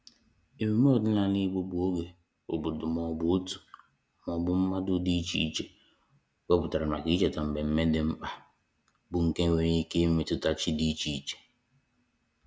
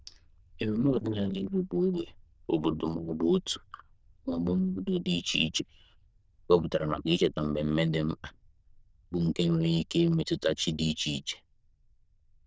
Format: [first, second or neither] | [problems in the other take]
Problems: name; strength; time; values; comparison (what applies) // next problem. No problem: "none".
first | noise reduction (neural diffusion model UNIVERSE++)